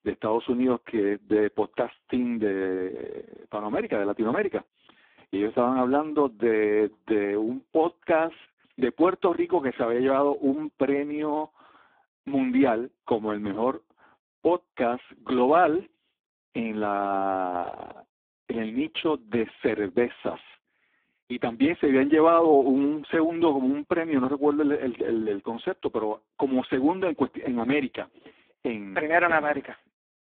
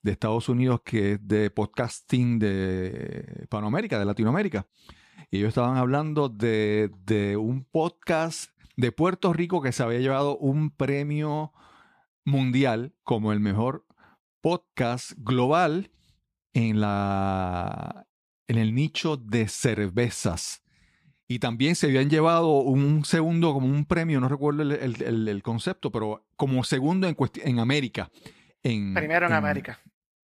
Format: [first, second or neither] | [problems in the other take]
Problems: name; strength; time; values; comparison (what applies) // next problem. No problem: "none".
second | phone-call audio; poor line